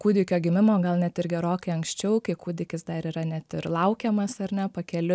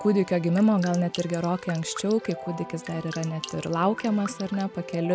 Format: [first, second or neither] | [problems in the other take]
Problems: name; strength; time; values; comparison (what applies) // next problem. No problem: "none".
first | background sound (Drip + Keyboard (musical)); 14 dB below the speech